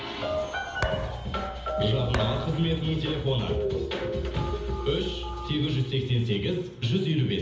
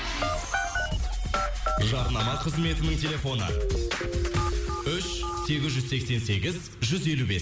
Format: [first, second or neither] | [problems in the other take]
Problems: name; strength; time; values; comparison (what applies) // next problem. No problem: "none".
second | background sound (Thump, thud); 7 dB below the speech // room echo; dies away in 0.7 s